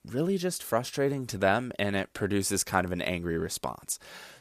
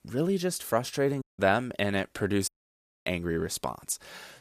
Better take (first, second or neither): first